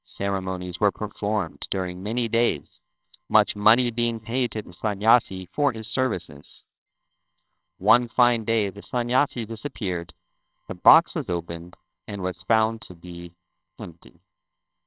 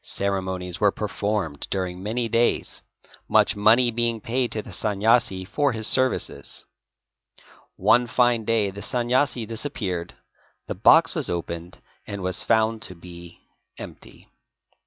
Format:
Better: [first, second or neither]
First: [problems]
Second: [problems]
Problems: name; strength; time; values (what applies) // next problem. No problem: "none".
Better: second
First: noise reduction (neural separator model SepFormer WHAMR!)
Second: none